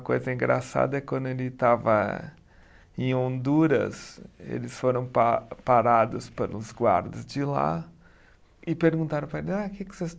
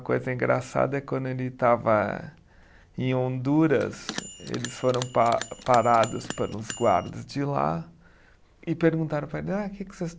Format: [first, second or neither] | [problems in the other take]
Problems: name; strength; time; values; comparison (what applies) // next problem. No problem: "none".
first | background sound (Bell); 13 dB below the speech